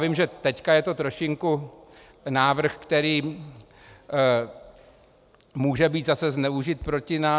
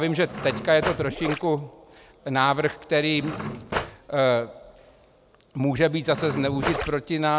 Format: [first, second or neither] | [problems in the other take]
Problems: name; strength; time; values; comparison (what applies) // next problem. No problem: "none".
first | background sound (Gurgling + Cutlery, silverware / Drawer open or close); 8 dB below the speech